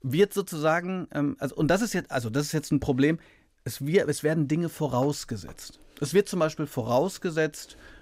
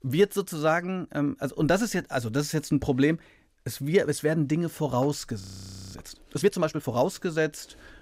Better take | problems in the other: first | audio freezing; at 5.5 s for 0.5 s

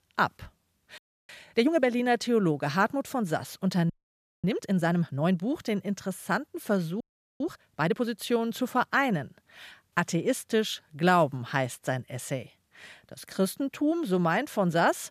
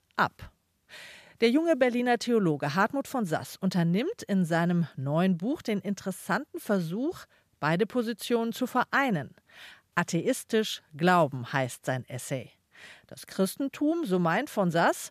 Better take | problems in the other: second | audio freezing; at 1 s, at 4 s for 0.5 s and at 7 s

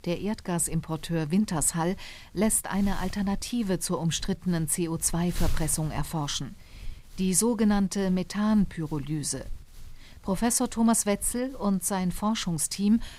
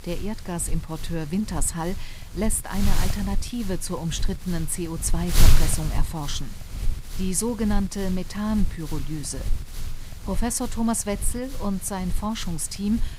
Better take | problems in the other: first | wind noise on the microphone; heavy; 7 dB below the speech; occasional gusts in the first

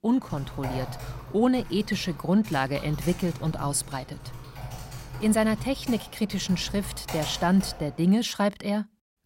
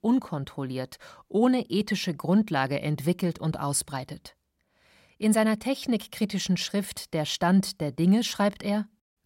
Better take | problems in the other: second | keyboard typing; noticeable; until 8 s; peak 8 dB below the speech

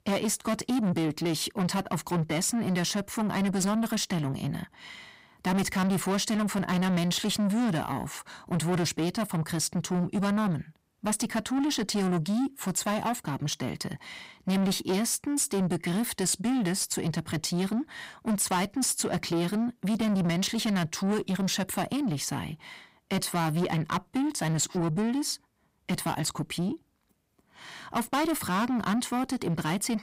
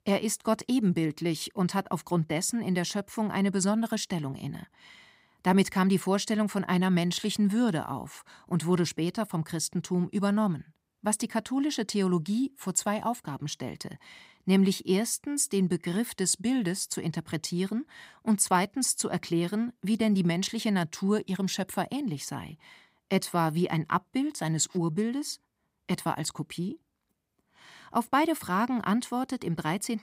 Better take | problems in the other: second | distortion; heavy; 8 dB below the speech

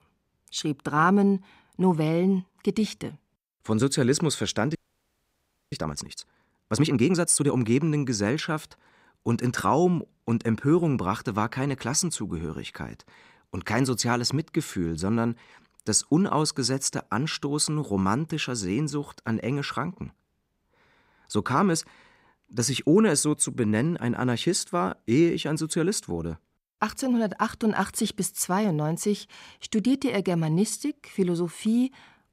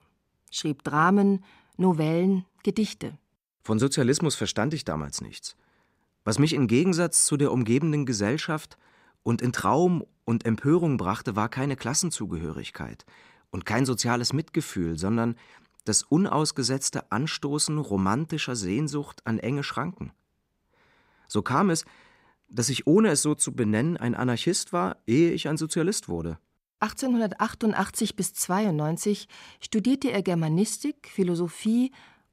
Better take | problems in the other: second | audio freezing; at 5 s for 1 s

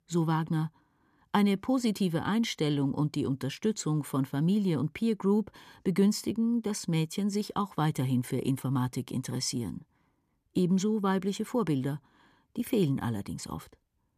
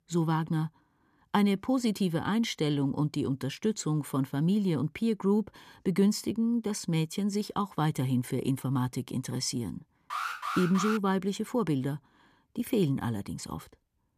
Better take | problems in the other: first | alarm; noticeable; at 10 s; peak 3 dB below the speech

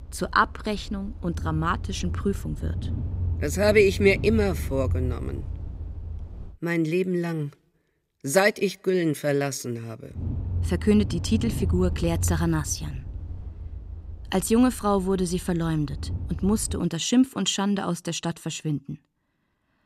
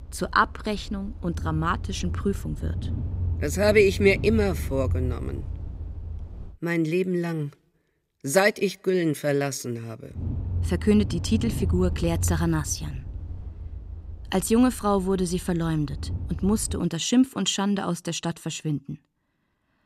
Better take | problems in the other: neither | low rumble; noticeable; until 6.5 s and from 10 to 17 s; 20 dB below the speech; the same in both

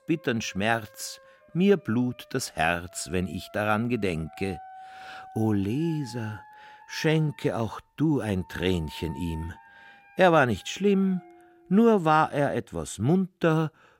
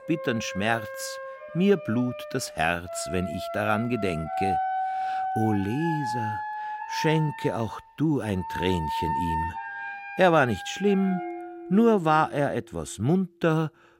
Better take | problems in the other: first | background music; loud; throughout; 7 dB below the speech; faint in the first

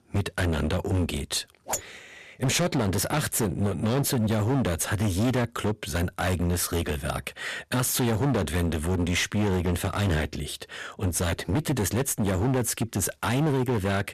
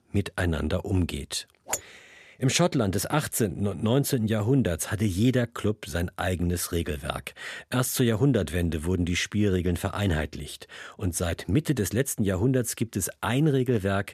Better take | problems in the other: second | distortion; heavy; 20% of the sound clipped

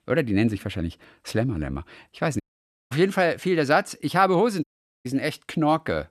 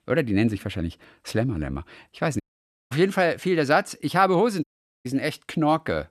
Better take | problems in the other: neither | audio cutting out; at 2.5 s for 0.5 s and at 4.5 s; the same in both

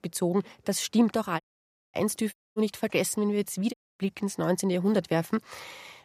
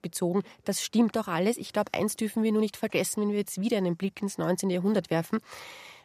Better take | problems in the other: second | audio cutting out; at 1.5 s for 0.5 s, at 2.5 s and at 3.5 s

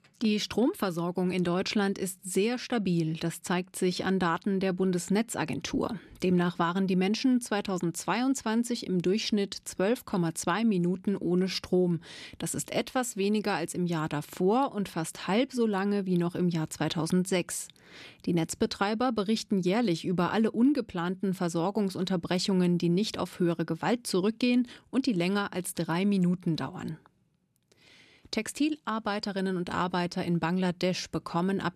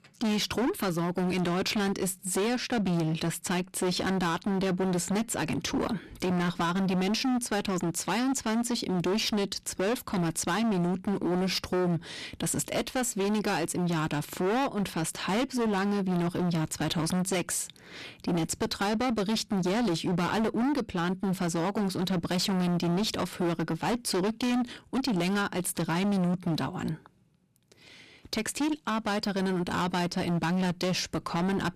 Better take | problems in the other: first | distortion; heavy; 27% of the sound clipped

